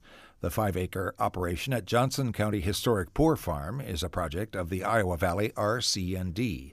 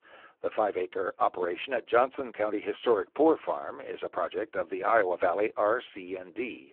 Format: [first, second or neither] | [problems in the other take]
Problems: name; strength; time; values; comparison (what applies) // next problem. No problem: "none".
first | phone-call audio; poor line